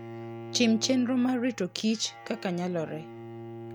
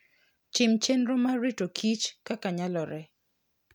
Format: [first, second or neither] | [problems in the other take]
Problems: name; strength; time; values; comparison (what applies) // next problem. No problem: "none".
second | background sound (Bowed string instrument); 13 dB below the speech